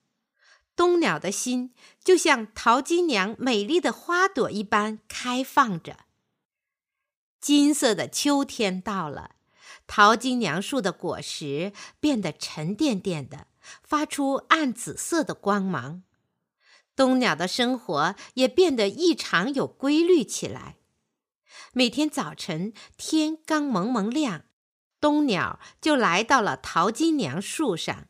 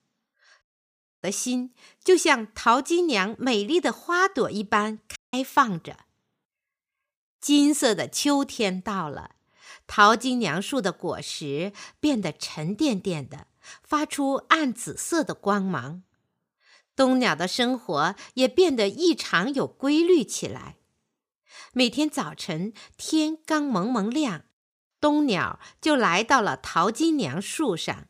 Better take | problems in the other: first | audio cutting out; at 0.5 s for 0.5 s and at 5 s

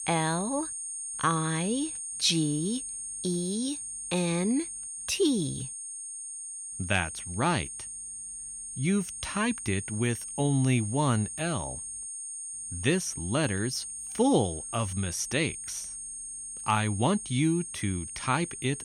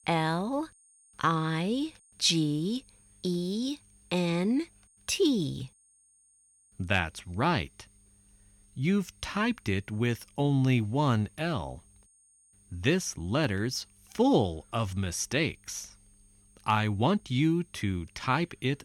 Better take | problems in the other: second | high-pitched whine; loud; throughout; 8.5 kHz, 6 dB below the speech; faint in the second

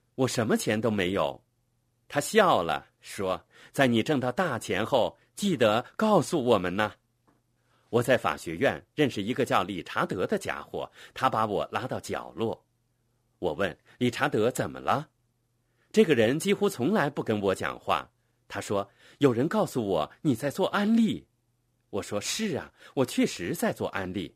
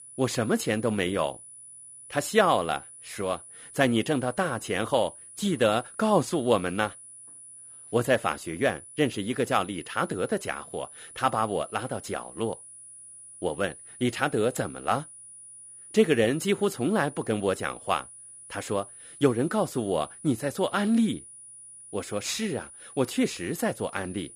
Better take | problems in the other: first | high-pitched whine; noticeable; throughout; 9.5 kHz, 15 dB below the speech

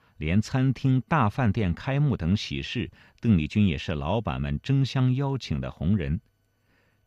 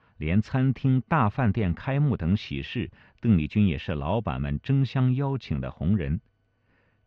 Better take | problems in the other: first | muffled; slightly; fading above 3 kHz

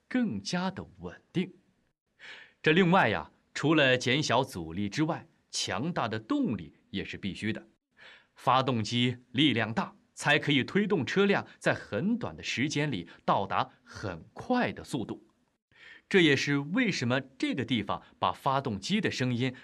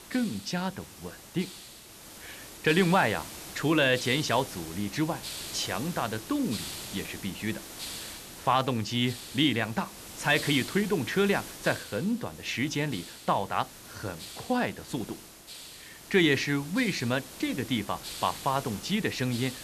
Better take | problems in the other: first | hiss; noticeable; throughout; 10 dB below the speech

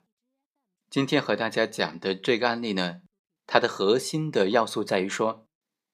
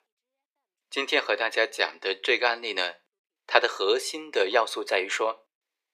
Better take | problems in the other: first | thin; very; fading below 350 Hz

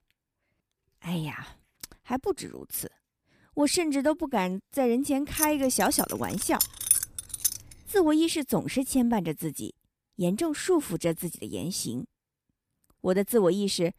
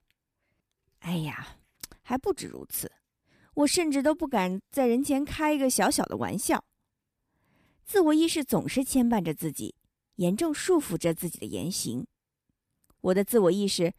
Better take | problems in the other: second | jangling keys; loud; from 5.5 to 7.5 s; peak 5 dB above the speech

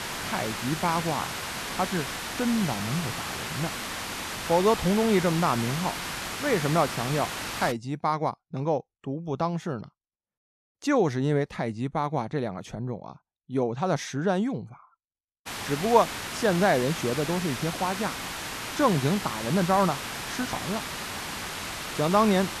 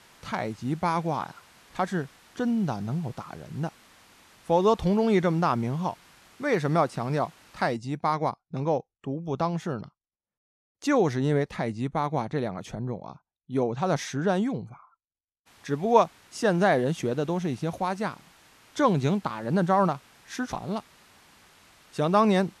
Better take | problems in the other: second | hiss; loud; until 7.5 s and from 15 s on; 5 dB below the speech; faint in the second

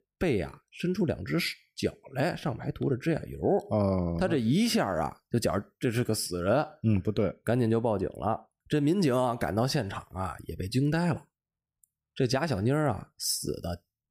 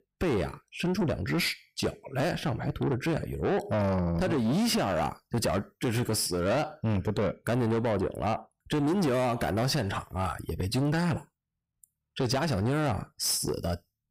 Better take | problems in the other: first | distortion; heavy; 7 dB below the speech

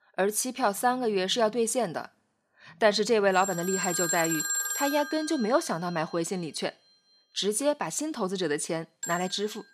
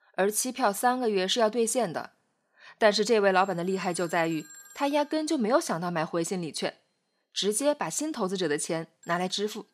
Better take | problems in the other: second | alarms or sirens; loud; throughout; 3 dB below the speech; faint in the second

